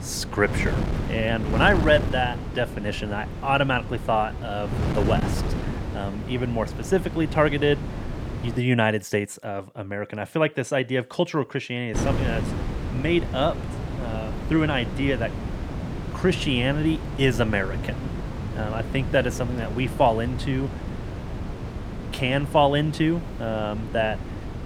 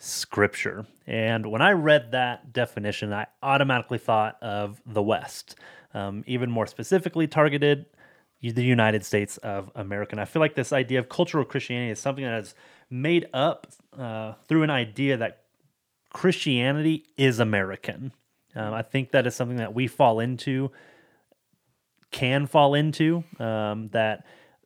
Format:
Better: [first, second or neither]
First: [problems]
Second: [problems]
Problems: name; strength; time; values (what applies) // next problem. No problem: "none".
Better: second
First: wind noise on the microphone; occasional gusts; until 8.5 s and from 12 s on; 10 dB below the speech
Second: none